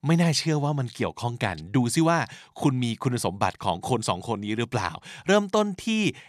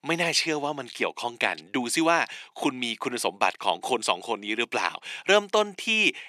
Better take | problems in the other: first | thin; somewhat; fading below 300 Hz

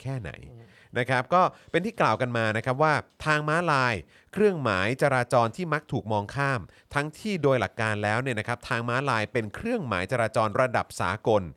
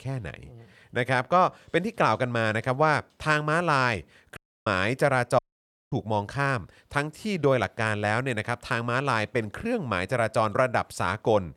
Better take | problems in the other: first | audio cutting out; at 4.5 s and at 5.5 s for 0.5 s

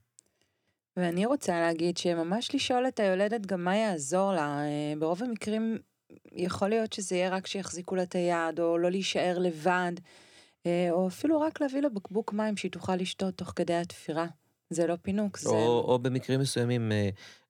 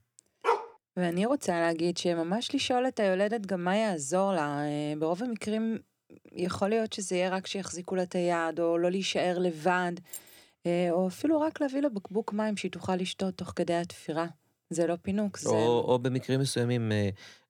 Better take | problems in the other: first | dog barking; noticeable; at 0.5 s; peak level with the speech // jangling keys; faint; at 10 s; peak 15 dB below the speech

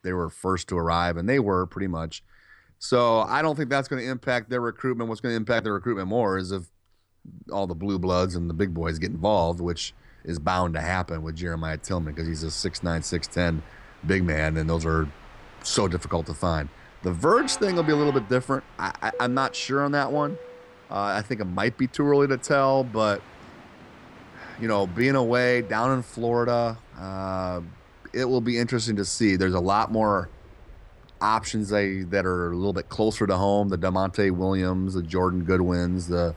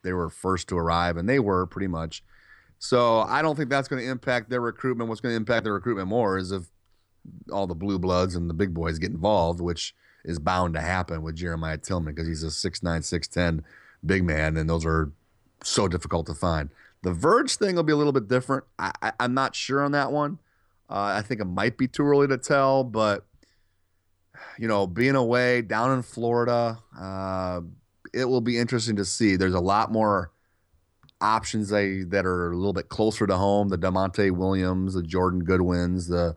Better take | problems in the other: second | train or aircraft noise; faint; from 7.5 s on; 20 dB below the speech

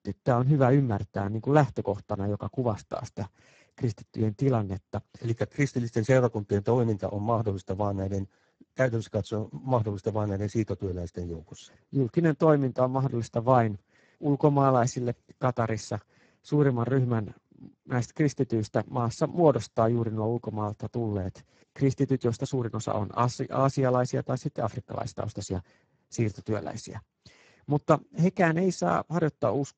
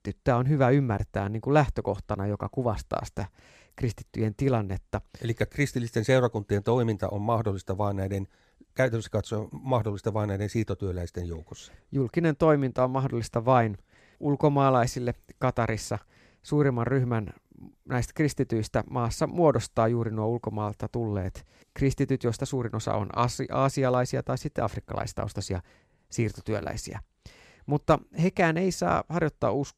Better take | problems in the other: second | garbled, watery; badly; nothing above 7.5 kHz

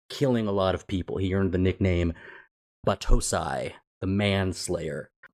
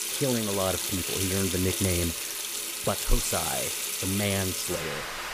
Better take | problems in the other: first | household noises; very loud; throughout; 2 dB above the speech

